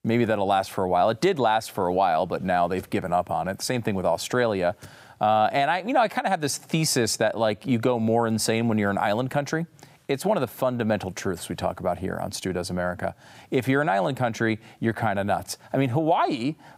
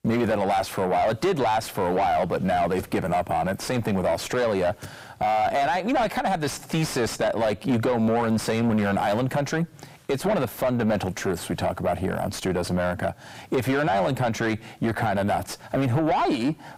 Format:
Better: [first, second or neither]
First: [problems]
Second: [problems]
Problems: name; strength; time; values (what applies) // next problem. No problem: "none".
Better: first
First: none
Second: distortion; heavy; 7 dB below the speech